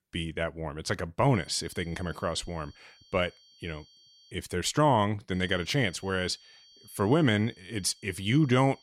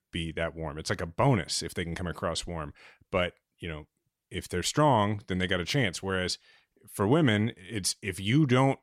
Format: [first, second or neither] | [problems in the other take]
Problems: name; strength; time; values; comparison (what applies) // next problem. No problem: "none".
second | high-pitched whine; faint; from 1.5 to 4.5 s and from 5.5 s on; 4.5 kHz, 25 dB below the speech